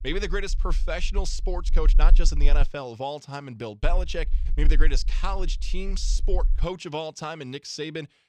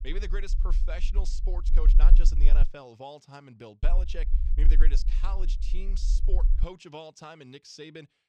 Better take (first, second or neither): first